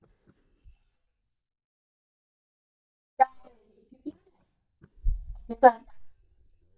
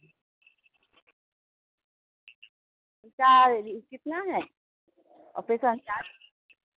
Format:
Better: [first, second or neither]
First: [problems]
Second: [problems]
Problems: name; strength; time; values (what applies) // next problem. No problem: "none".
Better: second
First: noise reduction (neural mask model DeepFilterNet 3)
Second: none